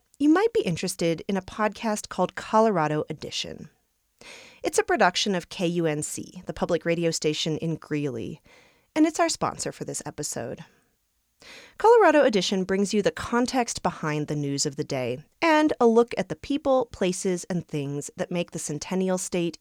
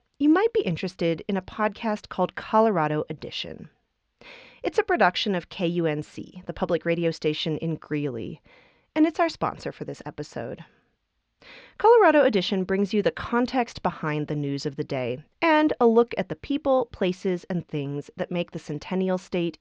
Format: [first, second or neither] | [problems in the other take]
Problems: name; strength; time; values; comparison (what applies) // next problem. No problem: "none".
first | muffled; slightly; fading above 4 kHz